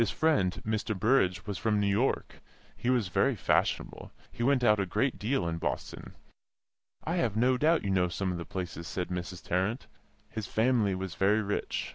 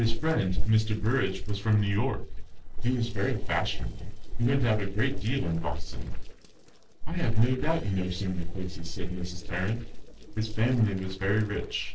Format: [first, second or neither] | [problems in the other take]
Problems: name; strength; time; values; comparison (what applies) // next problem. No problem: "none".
first | noise reduction (neural separator model SepFormer DNS4)